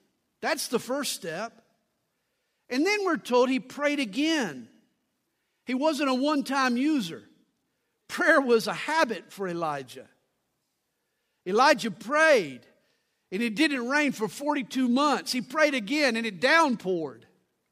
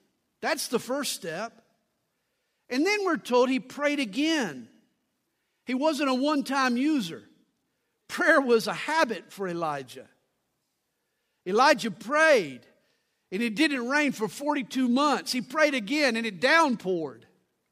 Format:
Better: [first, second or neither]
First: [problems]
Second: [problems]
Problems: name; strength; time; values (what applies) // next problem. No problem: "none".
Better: neither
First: none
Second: none